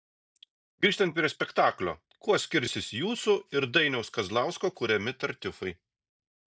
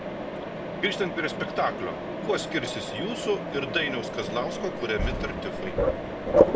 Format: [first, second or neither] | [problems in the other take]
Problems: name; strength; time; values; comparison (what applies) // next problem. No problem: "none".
first | background sound (Mechanisms); 3 dB above the speech